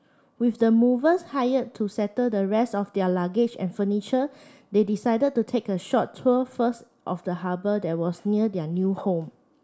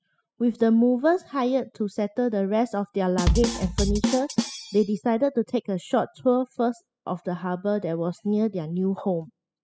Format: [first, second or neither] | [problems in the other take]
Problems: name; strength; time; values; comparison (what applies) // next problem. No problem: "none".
first | noise reduction (classical method spectral subtraction)